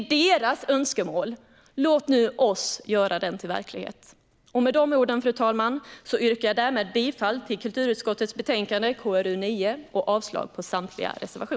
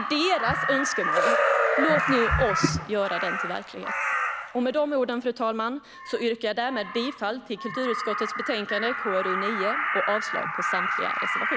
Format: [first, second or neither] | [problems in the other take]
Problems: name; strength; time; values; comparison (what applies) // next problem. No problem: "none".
first | background sound (Crow); 1 dB above the speech